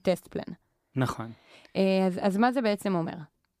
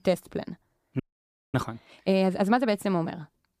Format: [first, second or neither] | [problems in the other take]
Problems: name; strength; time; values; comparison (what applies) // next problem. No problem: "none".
first | audio freezing; at 1 s for 0.5 s